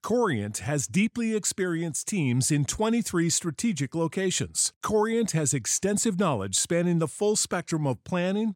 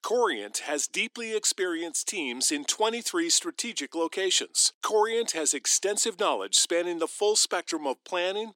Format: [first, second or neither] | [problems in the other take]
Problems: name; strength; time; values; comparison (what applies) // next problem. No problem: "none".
first | thin; very; fading below 300 Hz